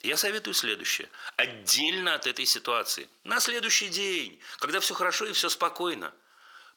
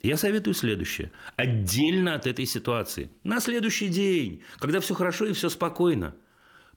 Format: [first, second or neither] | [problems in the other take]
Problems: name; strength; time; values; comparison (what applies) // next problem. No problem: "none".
second | thin; very; fading below 600 Hz